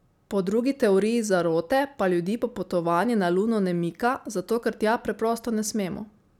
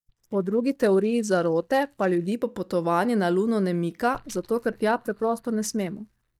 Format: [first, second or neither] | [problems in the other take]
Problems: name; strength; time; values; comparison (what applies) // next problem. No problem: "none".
first | noise reduction (neural mask model DeepFilterNet 3)